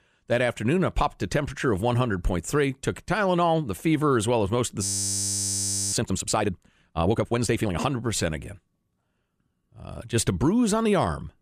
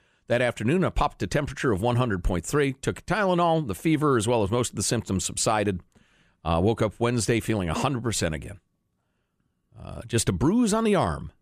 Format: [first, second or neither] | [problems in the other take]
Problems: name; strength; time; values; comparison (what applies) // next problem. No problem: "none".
second | audio freezing; at 5 s for 1 s